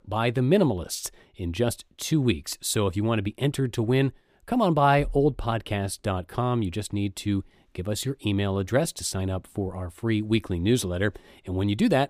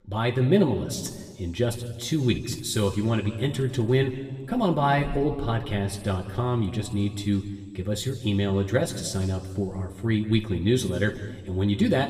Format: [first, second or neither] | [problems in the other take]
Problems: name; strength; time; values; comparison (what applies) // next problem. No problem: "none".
first | room echo; slight; dies away in 1.5 s // off-mic speech; somewhat distant